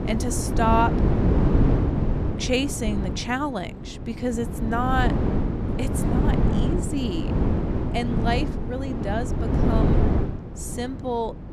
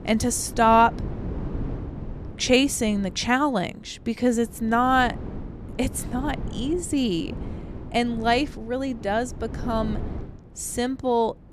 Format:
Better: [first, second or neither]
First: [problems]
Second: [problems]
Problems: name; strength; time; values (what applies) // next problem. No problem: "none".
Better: second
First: wind noise on the microphone; heavy; 3 dB below the speech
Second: wind noise on the microphone; occasional gusts; 20 dB below the speech